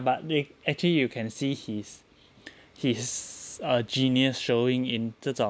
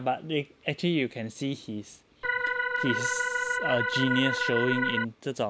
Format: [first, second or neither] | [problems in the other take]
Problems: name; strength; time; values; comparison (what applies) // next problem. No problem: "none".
first | background sound (Organ); 2 dB above the speech